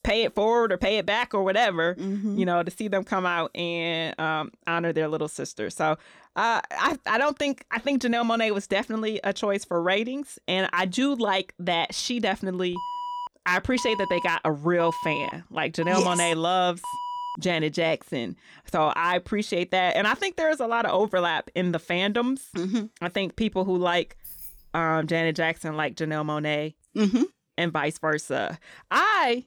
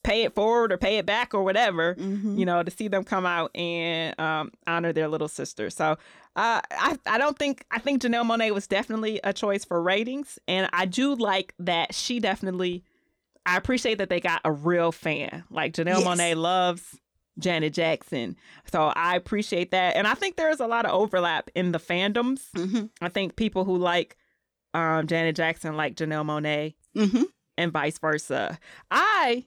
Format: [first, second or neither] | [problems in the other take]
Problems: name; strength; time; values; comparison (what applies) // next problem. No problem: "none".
second | alarm; noticeable; from 13 to 17 s; peak 7 dB below the speech // jangling keys; faint; at 24 s; peak 15 dB below the speech